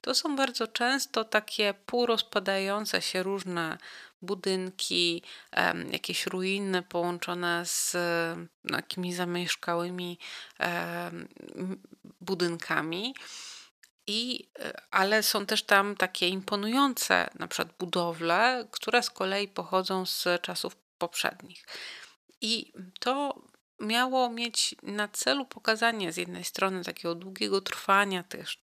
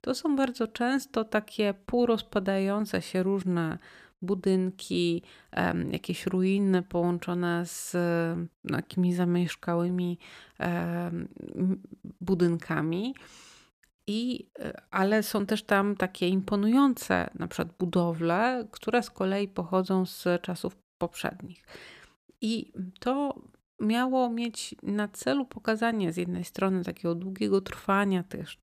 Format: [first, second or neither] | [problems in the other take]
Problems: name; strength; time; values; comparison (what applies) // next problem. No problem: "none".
second | thin; somewhat; fading below 1 kHz